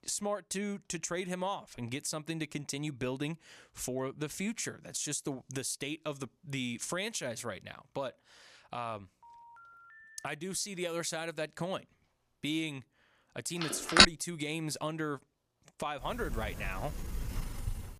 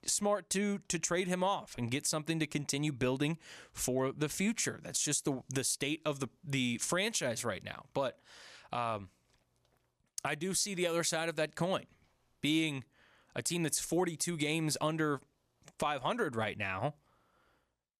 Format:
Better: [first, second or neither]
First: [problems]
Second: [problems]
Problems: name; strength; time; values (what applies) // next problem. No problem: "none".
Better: second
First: phone ringing; faint; from 9 to 10 s; peak 15 dB below the speech // phone ringing; loud; at 14 s; peak 15 dB above the speech // door banging; noticeable; from 16 s on; peak 3 dB below the speech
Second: none